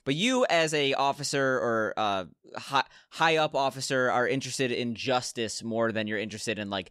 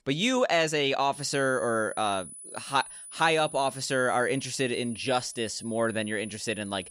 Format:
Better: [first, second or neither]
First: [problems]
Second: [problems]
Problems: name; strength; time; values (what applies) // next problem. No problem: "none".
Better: first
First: none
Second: high-pitched whine; noticeable; from 1 s on; 10 kHz, 15 dB below the speech